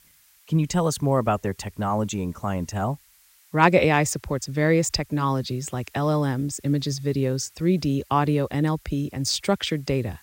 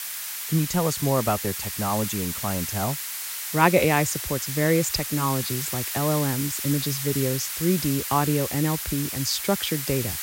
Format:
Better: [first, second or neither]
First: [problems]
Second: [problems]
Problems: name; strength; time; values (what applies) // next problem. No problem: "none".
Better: first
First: hiss; faint; throughout; 30 dB below the speech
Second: hiss; loud; throughout; 4 dB below the speech